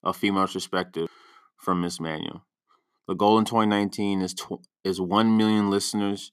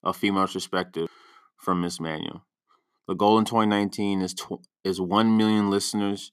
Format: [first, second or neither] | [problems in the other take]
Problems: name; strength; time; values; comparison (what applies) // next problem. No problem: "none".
neither | none